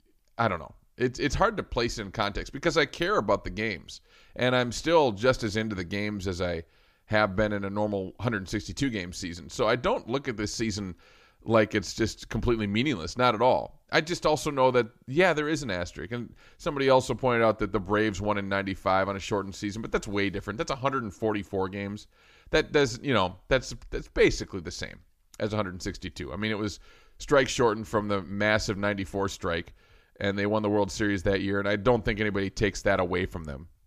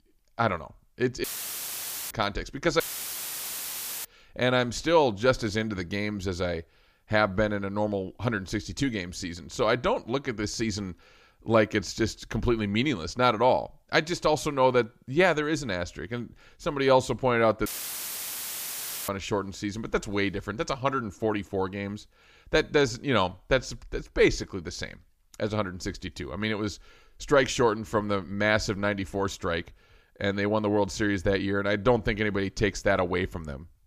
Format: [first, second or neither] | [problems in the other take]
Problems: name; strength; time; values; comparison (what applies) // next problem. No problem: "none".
first | audio cutting out; filled with static; at 1 s for 1 s, at 3 s for 1.5 s and at 18 s for 1.5 s